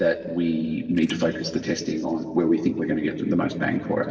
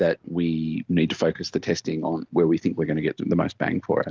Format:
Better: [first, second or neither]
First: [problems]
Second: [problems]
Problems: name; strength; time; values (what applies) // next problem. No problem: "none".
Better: second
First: noise reduction (neural separator model SepFormer DNS4)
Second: none